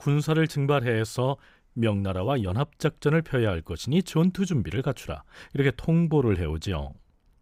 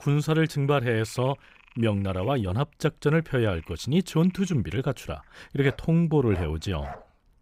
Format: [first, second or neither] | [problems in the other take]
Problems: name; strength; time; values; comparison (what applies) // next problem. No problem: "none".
first | animal sounds; faint; throughout; 20 dB below the speech